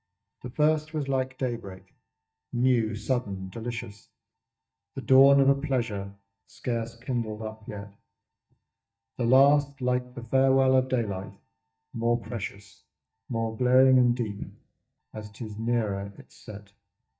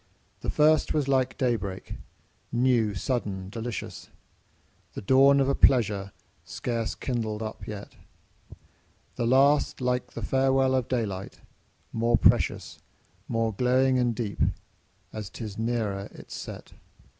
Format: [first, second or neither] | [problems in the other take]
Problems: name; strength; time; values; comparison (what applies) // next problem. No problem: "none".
second | noise reduction (neural mask model DeepFilterNet 3)